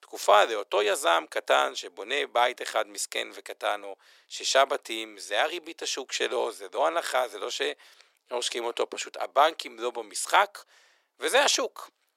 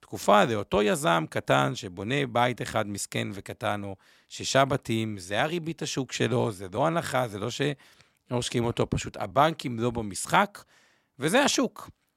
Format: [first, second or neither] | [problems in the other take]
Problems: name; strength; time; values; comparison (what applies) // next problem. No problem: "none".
second | thin; very; fading below 400 Hz